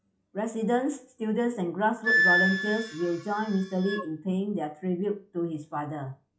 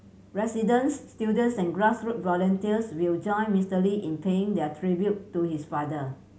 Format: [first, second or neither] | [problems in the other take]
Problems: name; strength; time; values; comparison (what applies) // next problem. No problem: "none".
second | noise reduction (classical method log-MMSE)